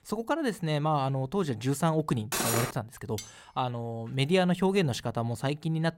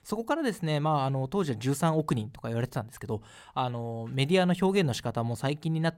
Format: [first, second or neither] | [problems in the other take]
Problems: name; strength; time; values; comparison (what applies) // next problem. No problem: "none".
second | clattering dishes; loud; at 2.5 s; peak 2 dB above the speech // clattering dishes; faint; at 3 s; peak 15 dB below the speech